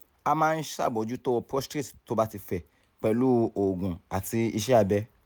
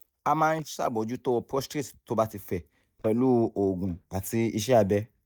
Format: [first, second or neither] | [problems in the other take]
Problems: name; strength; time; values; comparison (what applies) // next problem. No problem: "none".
first | noise reduction (neural mask model DeepFilterNet 3)